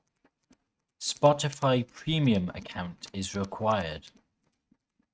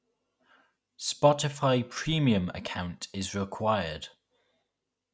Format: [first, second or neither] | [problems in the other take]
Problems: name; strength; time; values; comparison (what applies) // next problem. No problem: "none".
second | noise reduction (neural mask model RNNoise)